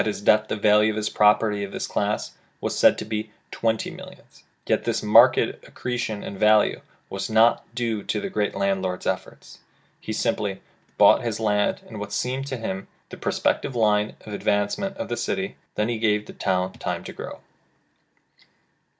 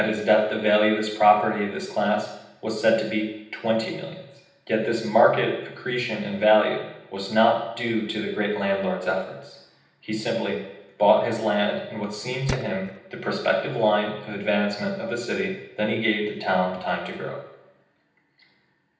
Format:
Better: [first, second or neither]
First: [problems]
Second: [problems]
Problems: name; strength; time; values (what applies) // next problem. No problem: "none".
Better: first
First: none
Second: background sound (Tools); 8 dB below the speech // room echo; dies away in 0.9 s